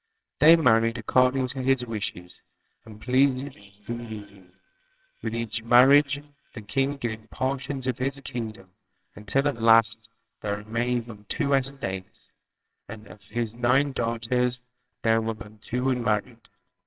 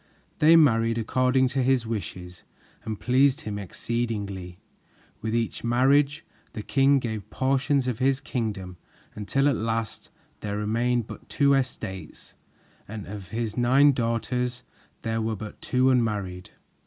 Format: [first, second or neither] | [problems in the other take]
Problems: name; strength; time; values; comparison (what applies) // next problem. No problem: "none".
second | noise reduction (neural separator model SepFormer WHAMR!)